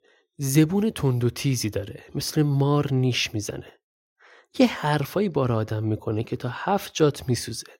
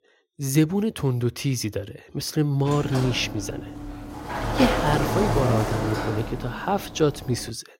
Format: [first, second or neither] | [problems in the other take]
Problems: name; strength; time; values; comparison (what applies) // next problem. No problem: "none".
first | door banging; loud; from 2.5 s on; peak 2 dB above the speech